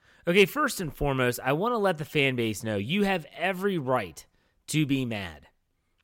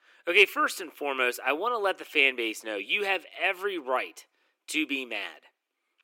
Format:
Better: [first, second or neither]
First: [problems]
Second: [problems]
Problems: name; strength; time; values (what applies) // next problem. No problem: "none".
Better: first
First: none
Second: thin; somewhat; fading below 300 Hz